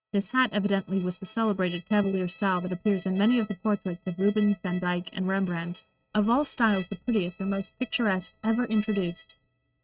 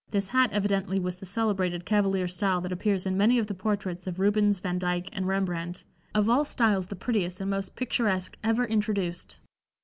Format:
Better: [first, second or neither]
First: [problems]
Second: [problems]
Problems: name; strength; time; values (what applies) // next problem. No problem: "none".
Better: second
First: noise reduction (neural mask model RNNoise)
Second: none